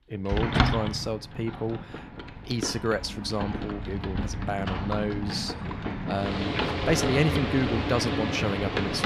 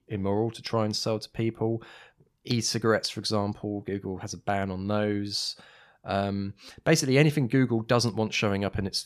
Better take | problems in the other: second | household noises; loud; throughout; as loud as the speech

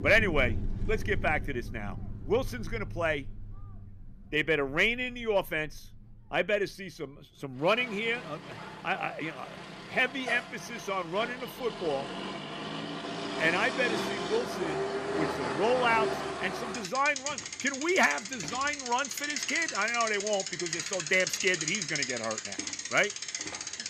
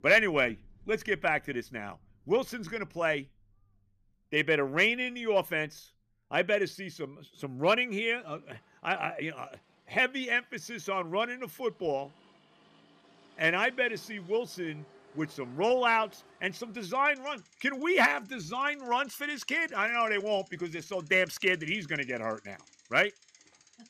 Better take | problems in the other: second | traffic noise; loud; throughout; 5 dB below the speech; faint in the second

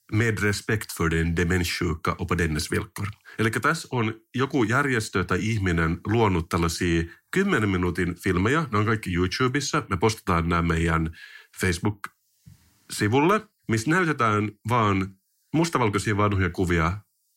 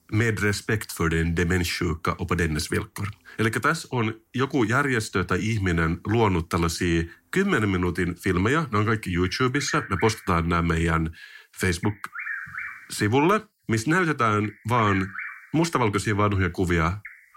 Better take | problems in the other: first | animal sounds; noticeable; throughout; 10 dB below the speech

